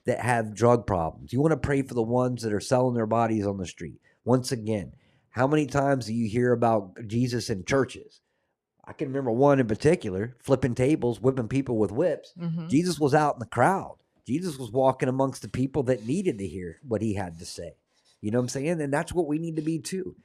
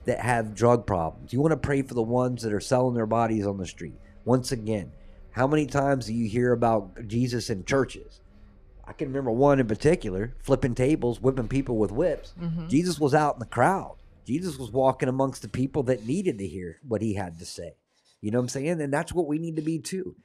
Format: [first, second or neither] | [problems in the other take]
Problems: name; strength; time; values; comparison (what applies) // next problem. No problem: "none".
first | traffic noise; faint; until 16 s; 25 dB below the speech